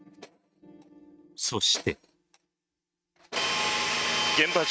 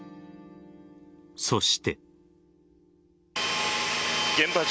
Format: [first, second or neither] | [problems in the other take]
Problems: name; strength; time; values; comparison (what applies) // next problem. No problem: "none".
second | noise reduction (neural mask model RNNoise)